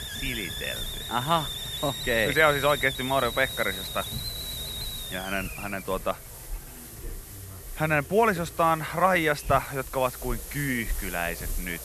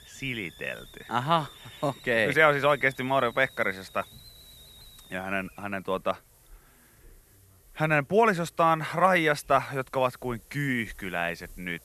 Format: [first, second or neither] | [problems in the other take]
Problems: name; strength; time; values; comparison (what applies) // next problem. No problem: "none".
second | hiss; loud; throughout; 8 dB below the speech; faint in the second